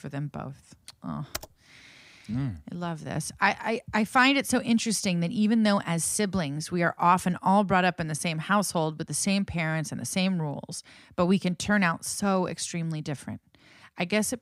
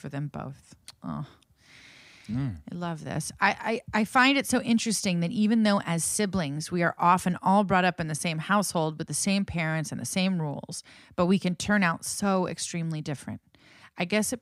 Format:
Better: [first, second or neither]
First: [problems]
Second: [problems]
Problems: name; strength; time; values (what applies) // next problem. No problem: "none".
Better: second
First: keyboard typing; faint; at 1.5 s; peak 10 dB below the speech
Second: none